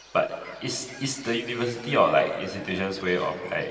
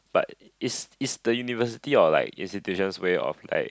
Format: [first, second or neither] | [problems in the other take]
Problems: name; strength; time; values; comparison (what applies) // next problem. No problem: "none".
second | background sound (Bird); 20 dB below the speech // room echo; dies away in 2.3 s